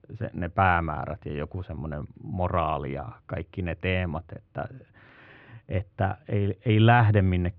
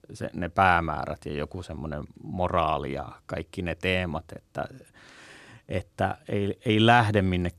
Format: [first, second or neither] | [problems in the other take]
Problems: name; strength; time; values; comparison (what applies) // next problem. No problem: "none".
second | muffled; very; fading above 3 kHz